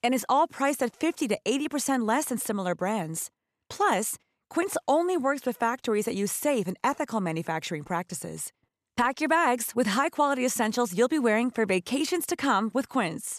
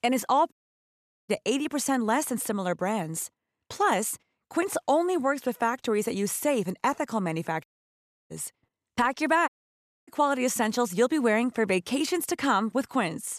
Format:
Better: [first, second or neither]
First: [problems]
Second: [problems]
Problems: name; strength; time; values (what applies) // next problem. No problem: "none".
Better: first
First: none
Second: audio cutting out; at 0.5 s for 1 s, at 7.5 s for 0.5 s and at 9.5 s for 0.5 s